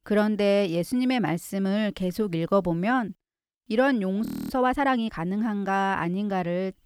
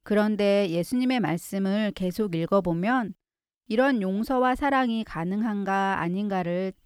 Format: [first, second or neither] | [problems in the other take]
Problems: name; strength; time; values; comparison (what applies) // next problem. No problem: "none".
second | audio freezing; at 4.5 s